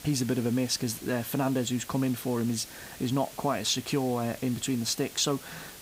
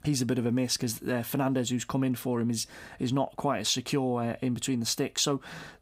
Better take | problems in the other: second | hiss; noticeable; throughout; 15 dB below the speech

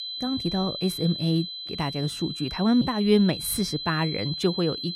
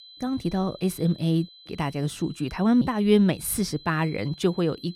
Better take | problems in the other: second | high-pitched whine; loud; throughout; 4 kHz, 7 dB below the speech; faint in the second

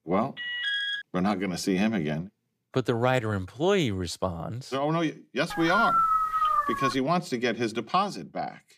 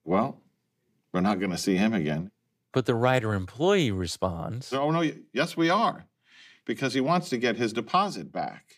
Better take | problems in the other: second | alarm; loud; at 0.5 s; peak 1 dB above the speech // dog barking; loud; from 5.5 to 7 s; peak 5 dB above the speech

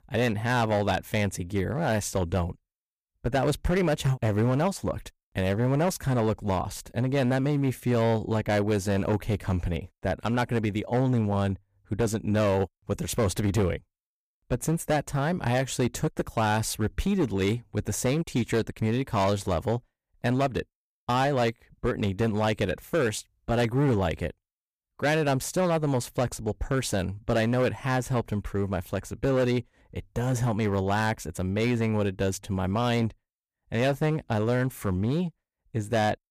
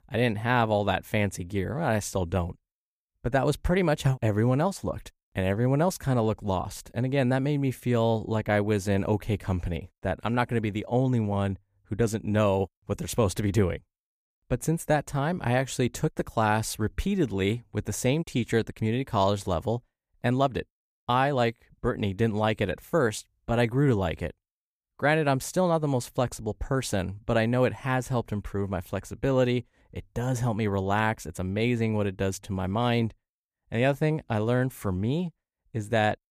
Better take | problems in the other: second | distortion; slight; 8% of the sound clipped

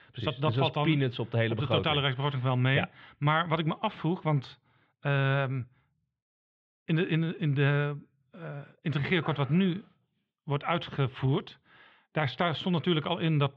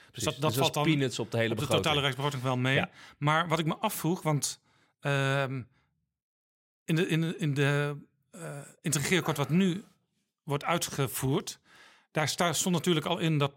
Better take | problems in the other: second | muffled; very; fading above 3.5 kHz

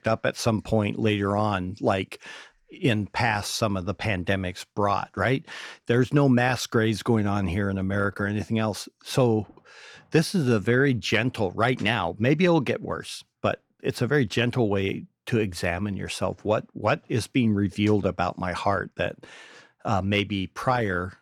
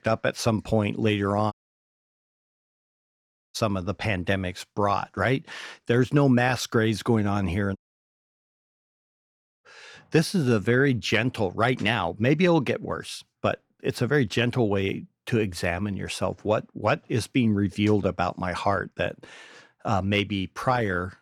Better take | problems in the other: first | audio cutting out; at 1.5 s for 2 s and at 8 s for 2 s

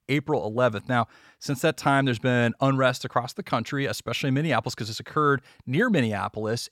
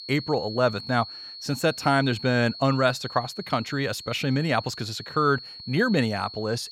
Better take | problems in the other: first | high-pitched whine; noticeable; throughout; 4.5 kHz, 10 dB below the speech

